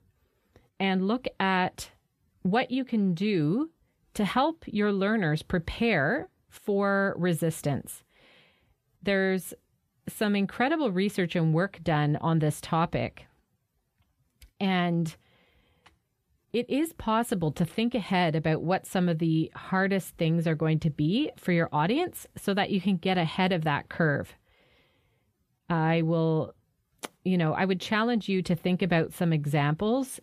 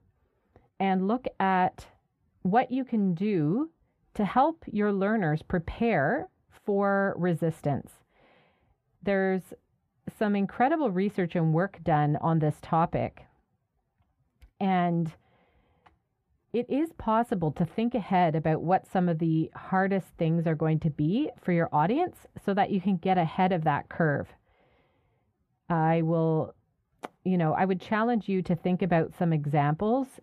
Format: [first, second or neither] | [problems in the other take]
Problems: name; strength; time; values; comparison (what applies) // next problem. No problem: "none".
first | muffled; very; fading above 2.5 kHz